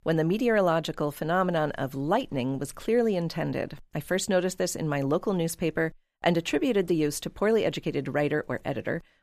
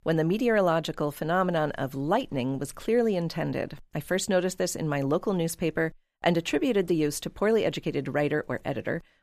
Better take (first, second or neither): neither